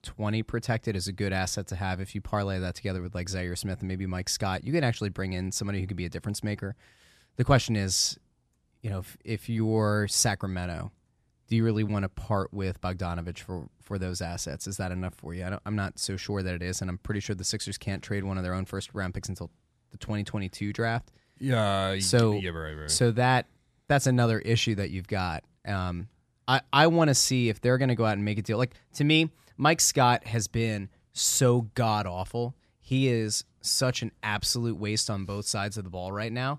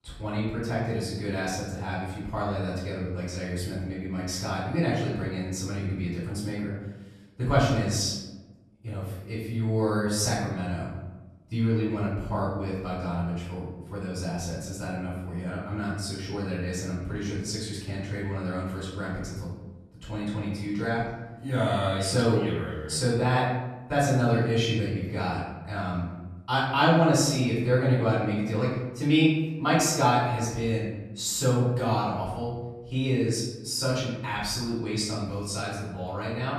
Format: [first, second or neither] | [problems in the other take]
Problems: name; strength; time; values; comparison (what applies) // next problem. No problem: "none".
first | off-mic speech; far // room echo; noticeable; dies away in 1 s